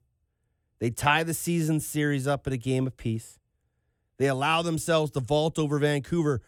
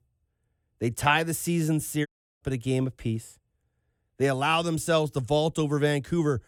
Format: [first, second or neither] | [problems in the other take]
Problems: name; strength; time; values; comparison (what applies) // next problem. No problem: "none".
first | audio cutting out; at 2 s